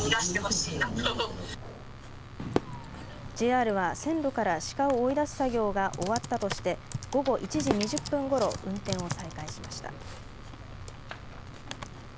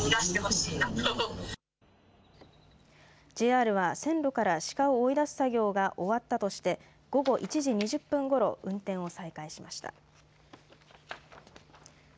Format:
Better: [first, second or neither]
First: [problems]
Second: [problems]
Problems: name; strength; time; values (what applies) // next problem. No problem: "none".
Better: second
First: background sound (Crowd / Fireworks + Computer keyboard); 8 dB below the speech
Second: none